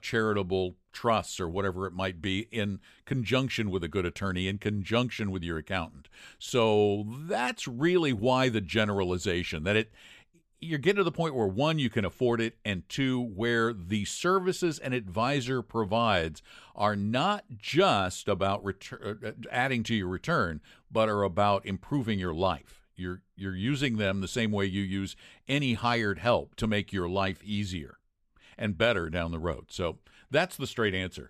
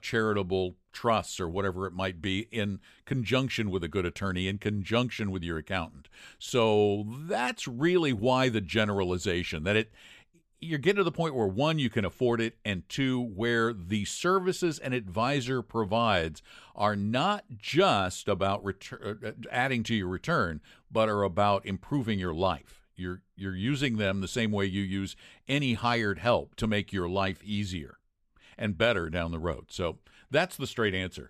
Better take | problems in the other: neither | none

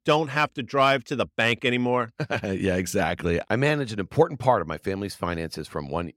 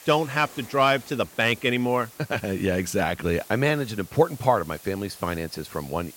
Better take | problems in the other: first | hiss; noticeable; throughout; 20 dB below the speech

